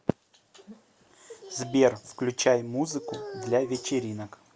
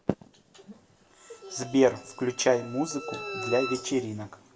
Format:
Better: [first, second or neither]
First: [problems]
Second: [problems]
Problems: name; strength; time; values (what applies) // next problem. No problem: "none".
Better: first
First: none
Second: background sound (Bowed string instrument); 15 dB below the speech // room echo; dies away in 0.8 s